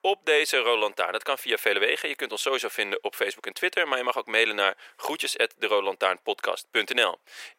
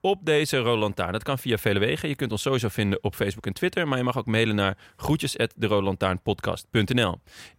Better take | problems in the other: second | thin; very; fading below 450 Hz

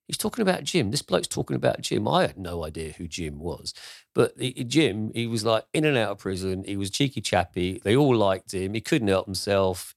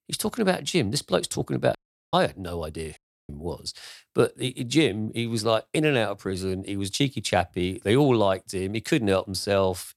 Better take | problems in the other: first | audio cutting out; at 2 s and at 3 s

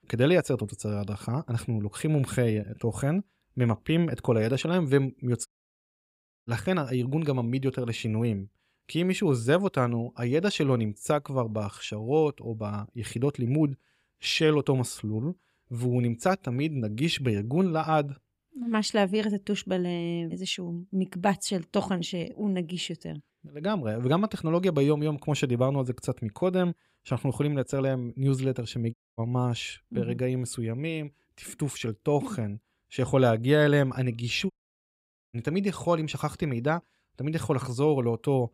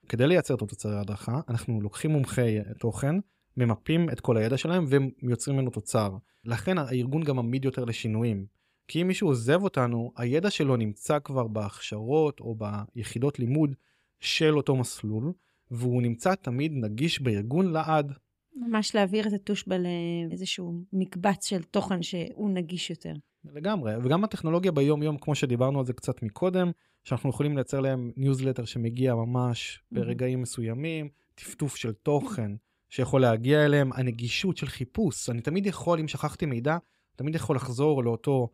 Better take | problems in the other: second | audio cutting out; at 5.5 s for 1 s, at 29 s and at 35 s for 1 s

